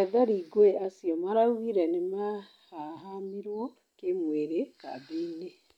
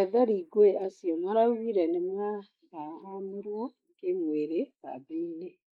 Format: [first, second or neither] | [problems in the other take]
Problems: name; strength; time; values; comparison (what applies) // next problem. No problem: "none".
first | noise reduction (neural mask model Resemble Enhance denoiser)